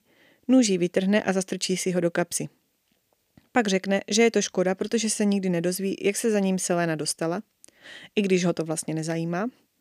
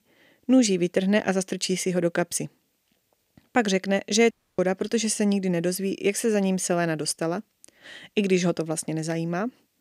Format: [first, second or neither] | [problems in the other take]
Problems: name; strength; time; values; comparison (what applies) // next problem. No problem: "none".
first | audio cutting out; at 4.5 s